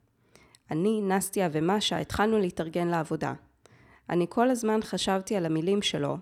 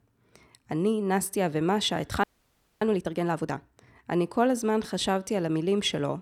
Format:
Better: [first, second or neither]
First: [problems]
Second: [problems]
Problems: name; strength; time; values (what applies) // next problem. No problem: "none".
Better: first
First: none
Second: audio freezing; at 2 s for 0.5 s